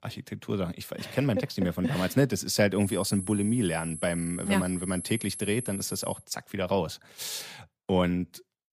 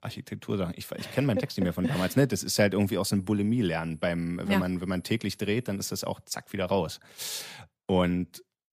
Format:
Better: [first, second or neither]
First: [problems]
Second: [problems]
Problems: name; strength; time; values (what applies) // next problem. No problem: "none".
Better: second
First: high-pitched whine; loud; from 3 to 6 s; 11 kHz, 9 dB below the speech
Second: high-pitched whine; faint; from 3 to 6 s; 11 kHz, 30 dB below the speech